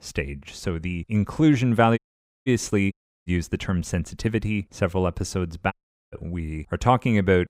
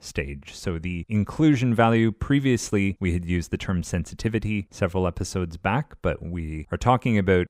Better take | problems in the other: second | audio cutting out; at 2 s, at 3 s and at 5.5 s

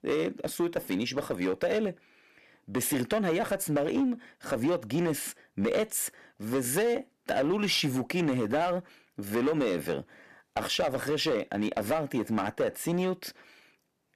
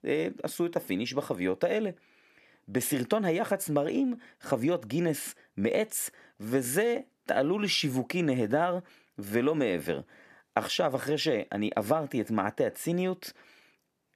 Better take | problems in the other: second | distortion; slight; 7% of the sound clipped

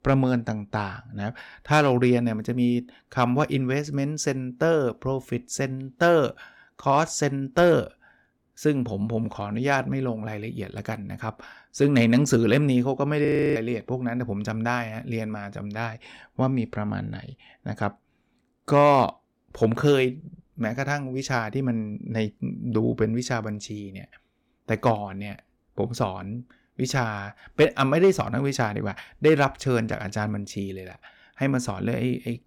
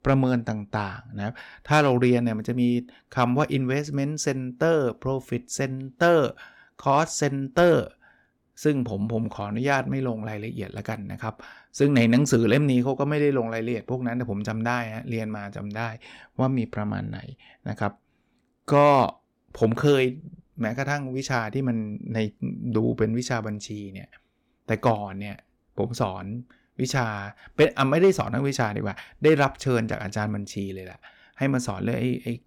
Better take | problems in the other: second | audio freezing; at 13 s

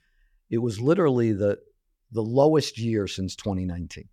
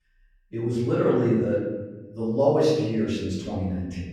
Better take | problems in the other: first | off-mic speech; far // room echo; noticeable; dies away in 1.1 s

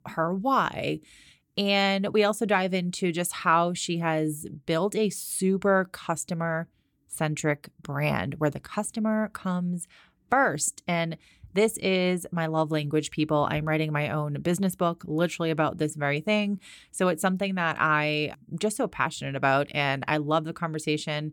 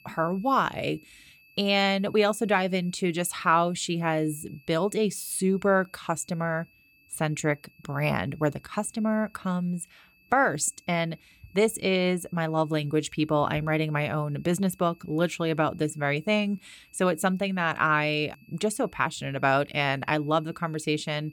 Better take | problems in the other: first | high-pitched whine; faint; throughout; 2.5 kHz, 30 dB below the speech

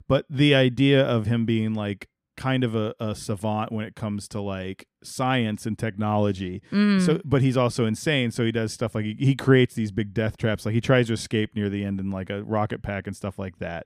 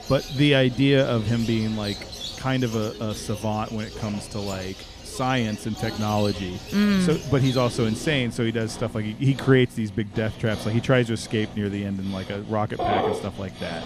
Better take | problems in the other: first | animal sounds; loud; throughout; 10 dB below the speech

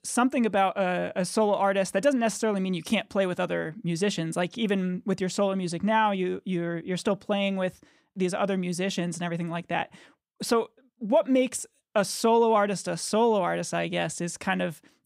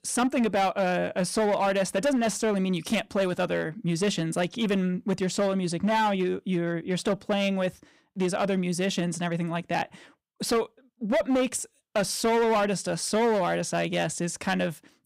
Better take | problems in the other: first | distortion; slight; 10% of the sound clipped

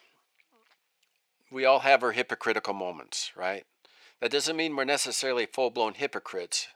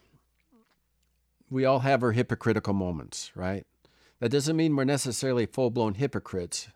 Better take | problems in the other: second | thin; very; fading below 550 Hz

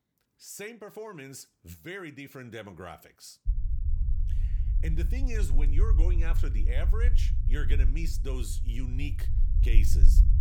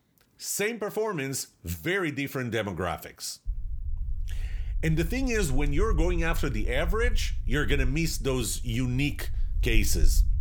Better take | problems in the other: second | low rumble; loud; from 3.5 s on; 8 dB below the speech; faint in the second

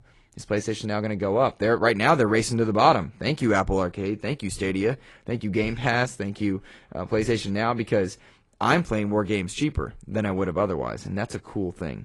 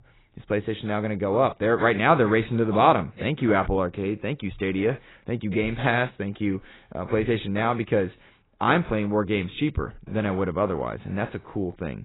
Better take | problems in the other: first | garbled, watery; badly; nothing above 4 kHz; slightly in the first

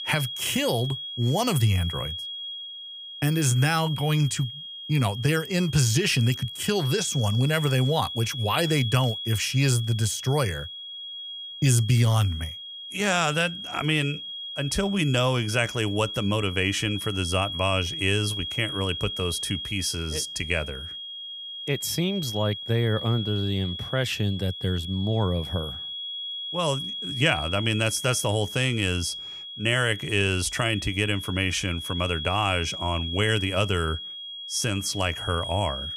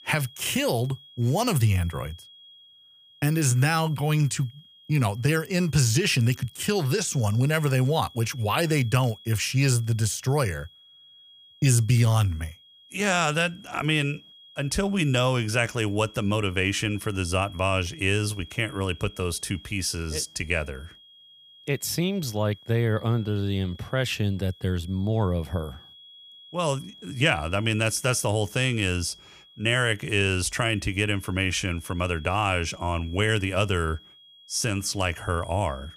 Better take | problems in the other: second | high-pitched whine; loud; throughout; 3.5 kHz, 8 dB below the speech; faint in the second

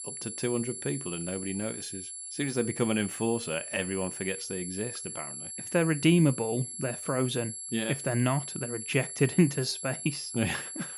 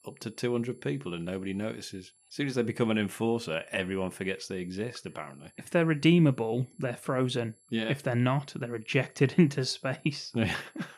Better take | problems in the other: second | high-pitched whine; loud; throughout; 11 kHz, 7 dB below the speech; faint in the second

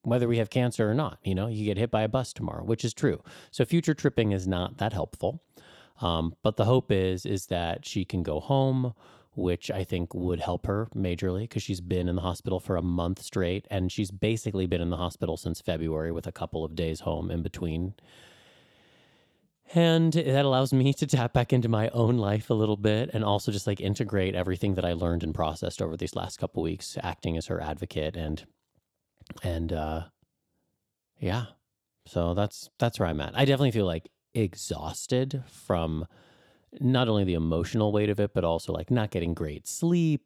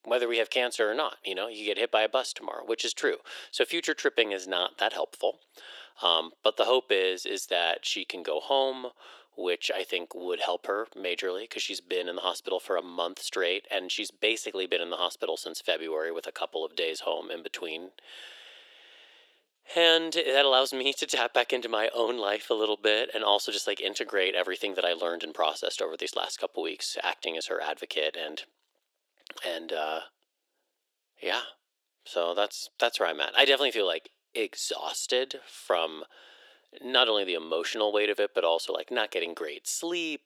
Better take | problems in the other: first | thin; very; fading below 400 Hz

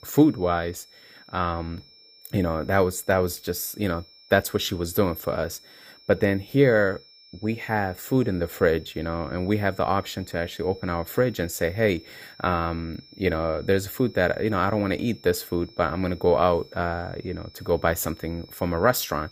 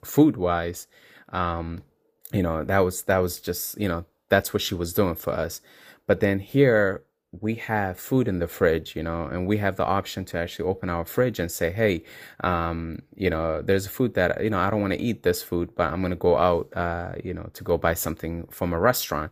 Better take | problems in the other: second | high-pitched whine; faint; throughout; 5.5 kHz, 25 dB below the speech

